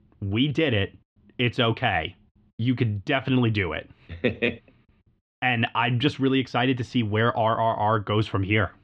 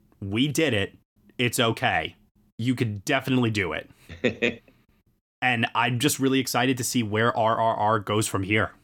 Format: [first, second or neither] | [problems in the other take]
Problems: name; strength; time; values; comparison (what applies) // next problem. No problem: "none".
second | muffled; very; fading above 3.5 kHz